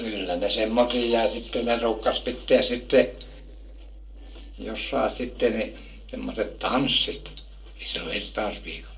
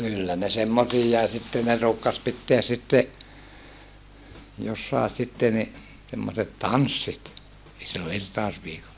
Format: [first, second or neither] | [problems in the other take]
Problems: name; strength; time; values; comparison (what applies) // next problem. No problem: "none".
second | noise reduction (neural separator model SepFormer DNS4)